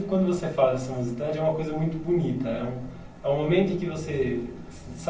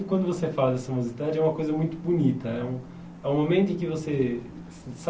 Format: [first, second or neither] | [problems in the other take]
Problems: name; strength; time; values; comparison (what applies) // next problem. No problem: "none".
second | room echo; dies away in 0.8 s